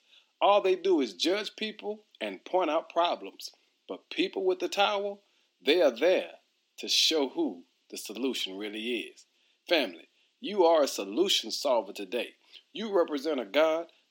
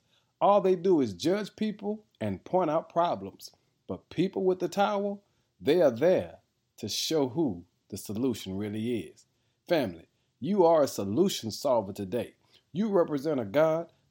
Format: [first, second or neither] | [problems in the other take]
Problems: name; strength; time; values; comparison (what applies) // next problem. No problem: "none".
second | thin; very slightly; fading below 250 Hz